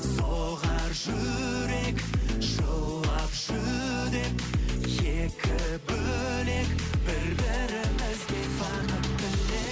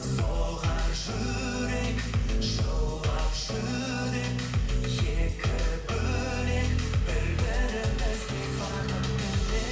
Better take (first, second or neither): first